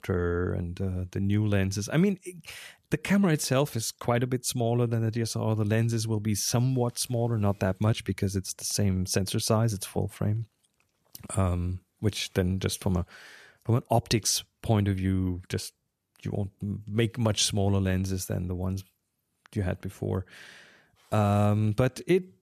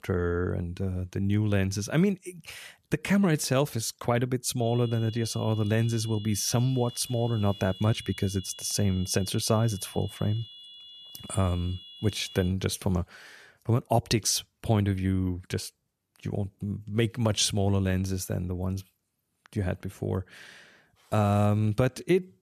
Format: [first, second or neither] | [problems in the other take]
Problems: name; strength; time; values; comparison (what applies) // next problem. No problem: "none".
first | high-pitched whine; noticeable; from 4.5 to 12 s; 3.5 kHz, 15 dB below the speech